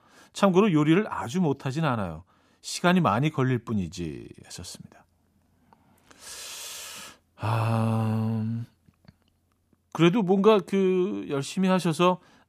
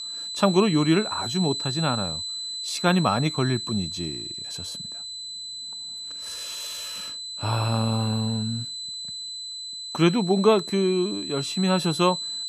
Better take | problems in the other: first | high-pitched whine; loud; throughout; 4 kHz, 6 dB below the speech

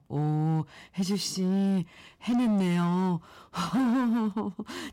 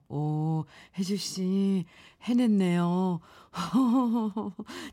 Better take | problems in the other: second | distortion; slight; 16% of the sound clipped

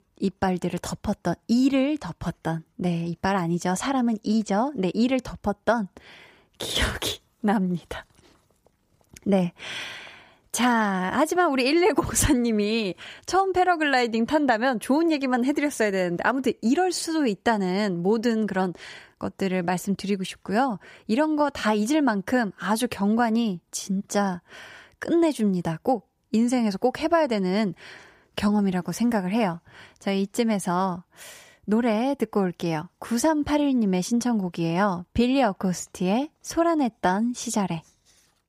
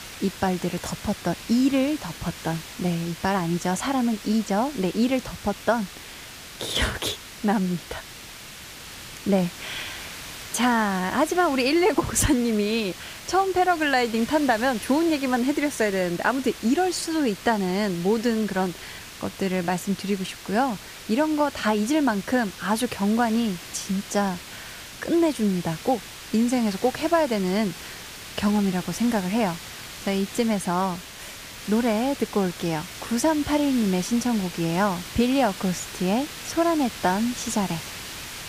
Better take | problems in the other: first | hiss; noticeable; throughout; 15 dB below the speech

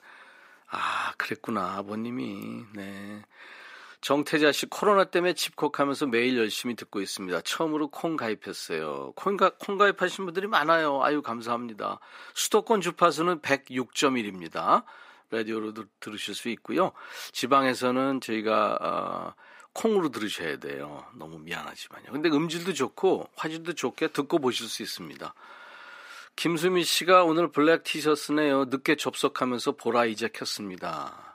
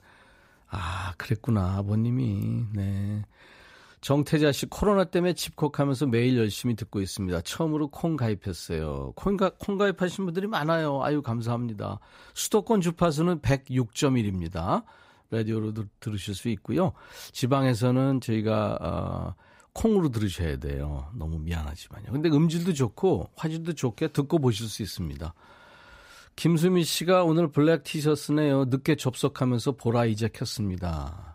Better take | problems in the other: second | thin; somewhat; fading below 250 Hz

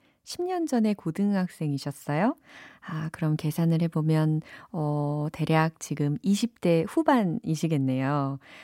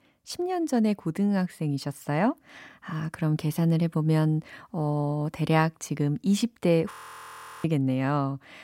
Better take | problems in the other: first | audio freezing; at 7 s for 0.5 s

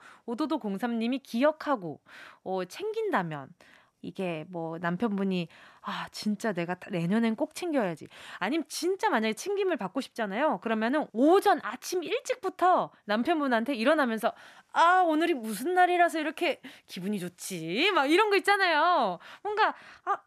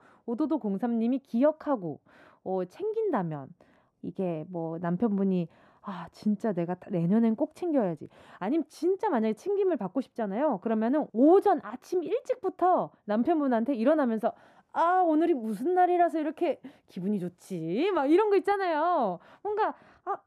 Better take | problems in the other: first | muffled; slightly; fading above 1 kHz

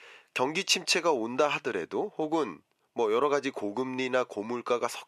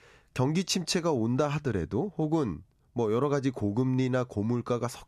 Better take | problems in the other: second | thin; somewhat; fading below 450 Hz

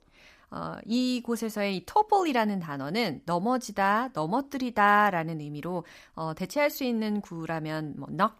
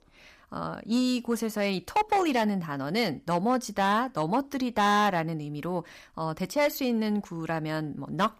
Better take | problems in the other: first | distortion; slight; 4% of the sound clipped

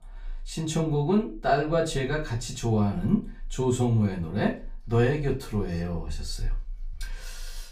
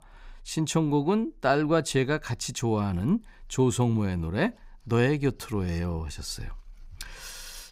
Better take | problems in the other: second | off-mic speech; far // room echo; very slight; dies away in 0.3 s

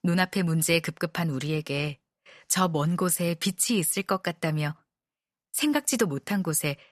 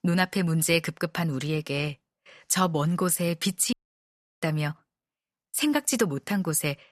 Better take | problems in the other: first | audio cutting out; at 3.5 s for 0.5 s

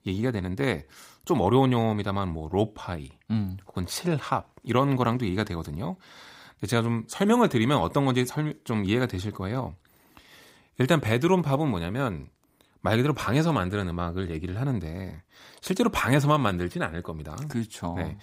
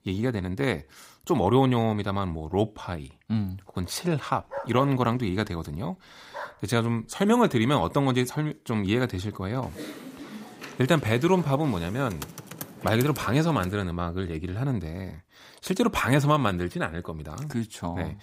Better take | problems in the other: first | dog barking; noticeable; from 4.5 to 6.5 s; peak 10 dB below the speech // keyboard typing; faint; from 9.5 to 14 s; peak 10 dB below the speech

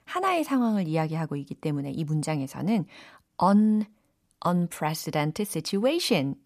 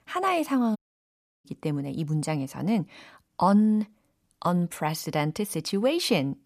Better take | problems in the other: first | audio cutting out; at 1 s for 0.5 s

